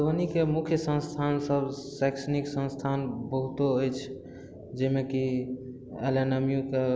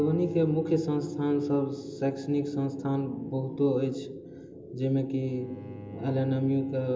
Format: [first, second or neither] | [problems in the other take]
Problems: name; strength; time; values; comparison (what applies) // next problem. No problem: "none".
first | background sound (Bowed string instrument); 20 dB below the speech // room echo; dies away in 0.2 s